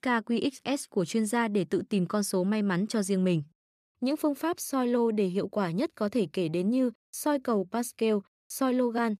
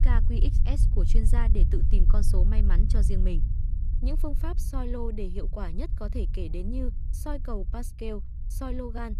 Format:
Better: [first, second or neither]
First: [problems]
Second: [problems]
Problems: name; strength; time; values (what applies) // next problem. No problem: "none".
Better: first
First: none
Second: low rumble; loud; throughout; 8 dB below the speech